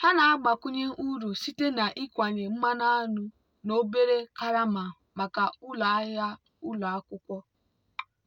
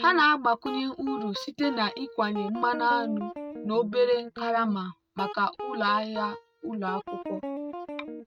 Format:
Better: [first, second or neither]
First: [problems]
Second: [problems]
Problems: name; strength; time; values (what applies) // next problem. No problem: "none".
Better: first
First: none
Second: noise reduction (neural mask model RNNoise)